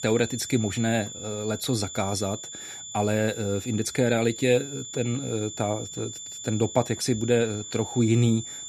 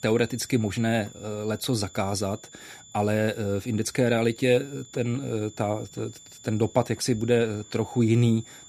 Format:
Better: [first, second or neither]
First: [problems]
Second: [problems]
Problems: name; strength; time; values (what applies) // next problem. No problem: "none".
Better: second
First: high-pitched whine; loud; throughout; 7 kHz, 10 dB below the speech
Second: high-pitched whine; faint; throughout; 7 kHz, 20 dB below the speech